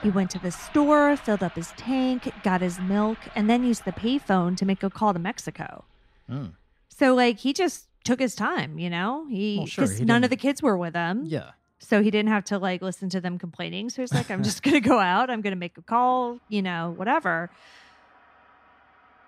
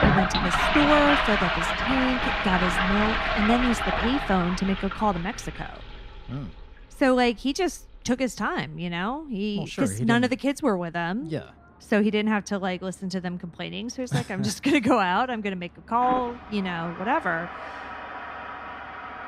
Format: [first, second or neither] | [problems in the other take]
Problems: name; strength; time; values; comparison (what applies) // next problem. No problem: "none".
first | household noises; loud; throughout; 1 dB below the speech; faint in the first